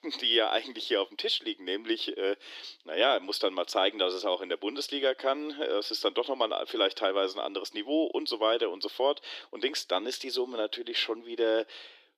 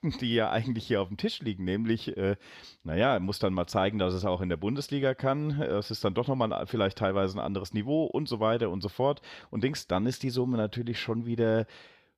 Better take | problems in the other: second | thin; somewhat; fading below 300 Hz

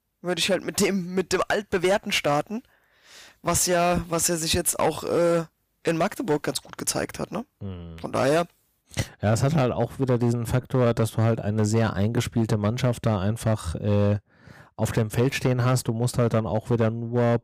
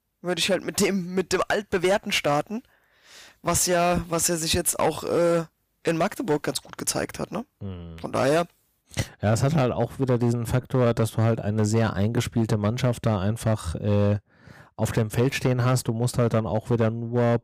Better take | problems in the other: neither | distortion; slight; 7% of the sound clipped; the same in both

